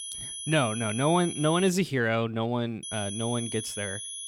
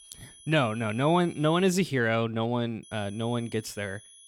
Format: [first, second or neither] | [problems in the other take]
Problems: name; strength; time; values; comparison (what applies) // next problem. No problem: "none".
second | high-pitched whine; loud; until 1.5 s and from 3 s on; 10 kHz, 7 dB below the speech; faint in the second